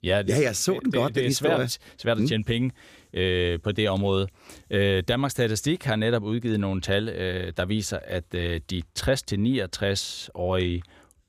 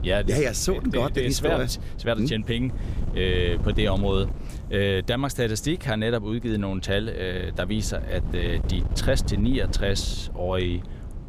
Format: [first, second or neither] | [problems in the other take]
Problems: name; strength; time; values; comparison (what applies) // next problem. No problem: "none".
first | wind noise on the microphone; occasional gusts; 15 dB below the speech